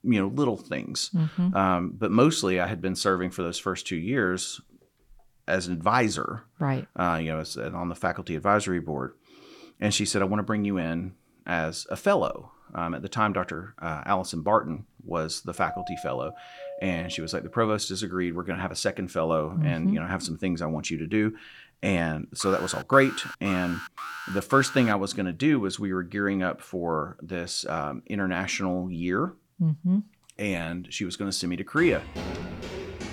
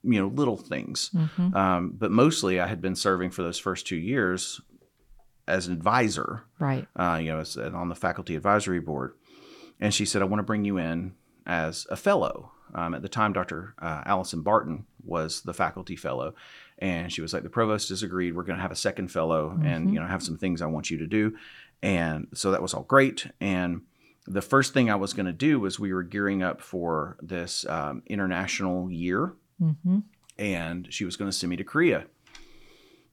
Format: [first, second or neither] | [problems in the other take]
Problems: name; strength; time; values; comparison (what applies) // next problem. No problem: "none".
second | doorbell; noticeable; from 16 to 18 s; peak 9 dB below the speech // alarm; noticeable; from 22 to 25 s; peak 9 dB below the speech // footsteps; noticeable; from 32 s on; peak 7 dB below the speech